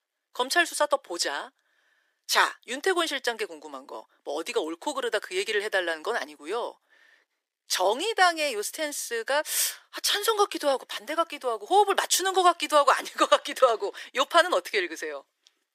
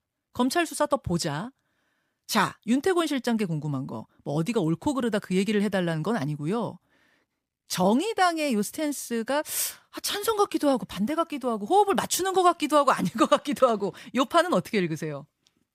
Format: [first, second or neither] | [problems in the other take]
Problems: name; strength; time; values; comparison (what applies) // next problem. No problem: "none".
second | thin; very; fading below 350 Hz